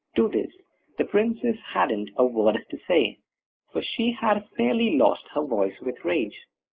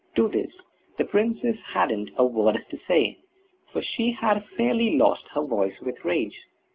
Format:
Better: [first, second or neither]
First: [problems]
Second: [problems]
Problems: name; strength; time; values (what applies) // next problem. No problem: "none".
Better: second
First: noise reduction (neural mask model Resemble Enhance denoiser)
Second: none